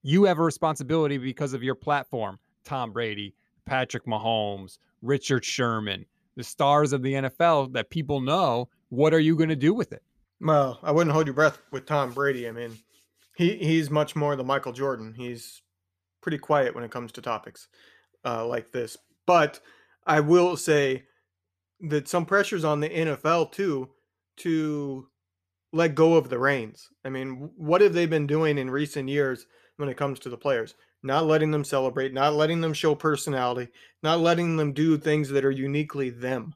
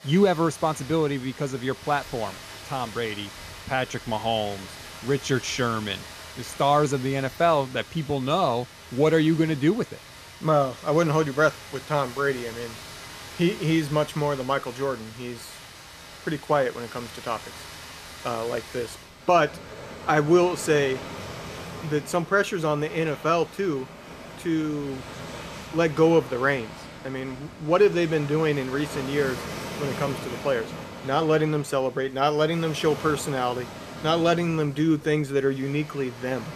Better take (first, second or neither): first